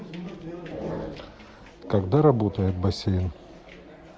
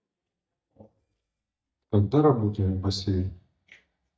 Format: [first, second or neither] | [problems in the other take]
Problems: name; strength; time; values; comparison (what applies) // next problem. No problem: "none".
first | noise reduction (neural mask model DeepFilterNet 3)